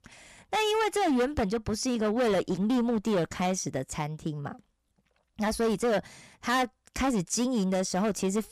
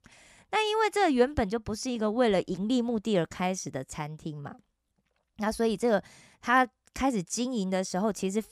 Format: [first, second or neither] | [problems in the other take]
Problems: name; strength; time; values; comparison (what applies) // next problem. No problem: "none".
second | distortion; heavy; 13% of the sound clipped